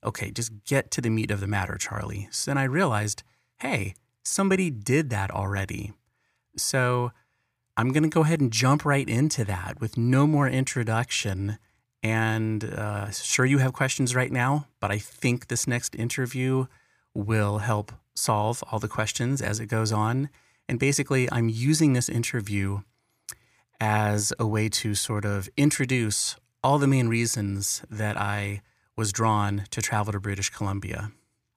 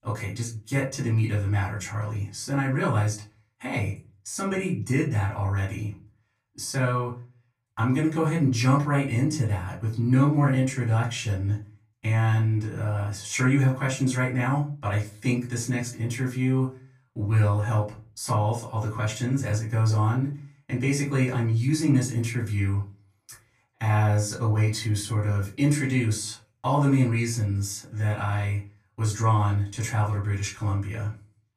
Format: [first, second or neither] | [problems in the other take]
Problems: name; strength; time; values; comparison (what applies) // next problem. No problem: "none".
first | off-mic speech; far // room echo; slight; dies away in 0.3 s